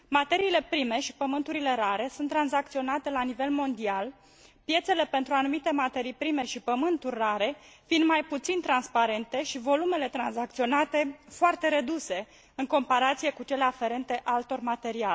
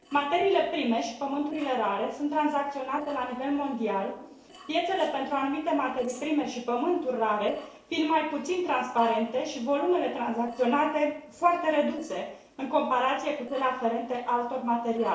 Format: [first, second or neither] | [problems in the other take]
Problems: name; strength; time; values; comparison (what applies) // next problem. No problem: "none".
first | noise reduction (neural separator model SepFormer DNS4)